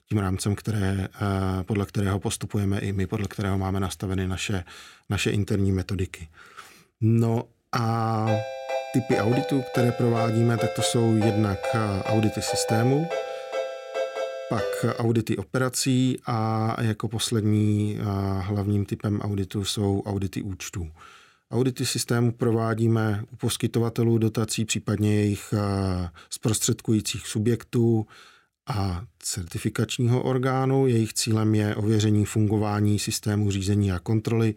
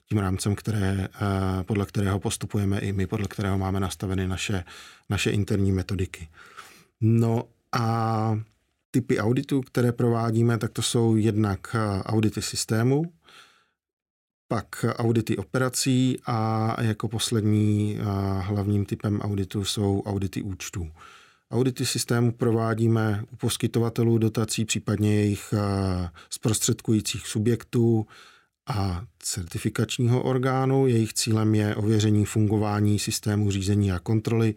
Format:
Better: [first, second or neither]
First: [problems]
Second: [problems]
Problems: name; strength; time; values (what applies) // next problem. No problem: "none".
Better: second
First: phone ringing; noticeable; from 8.5 to 15 s; peak 3 dB below the speech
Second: none